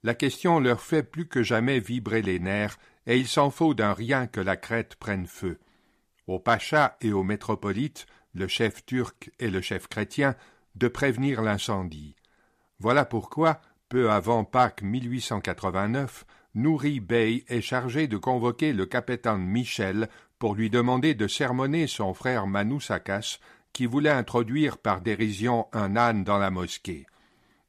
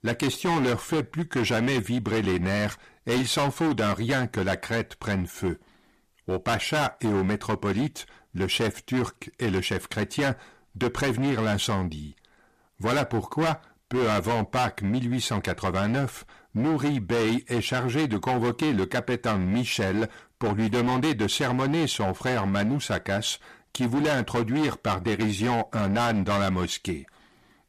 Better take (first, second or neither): first